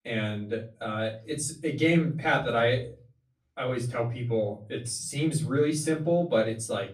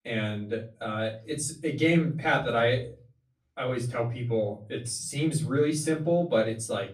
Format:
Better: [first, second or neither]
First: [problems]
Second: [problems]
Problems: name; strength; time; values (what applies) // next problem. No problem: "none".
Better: neither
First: room echo; slight; dies away in 0.4 s // off-mic speech; far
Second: room echo; slight; dies away in 0.4 s // off-mic speech; far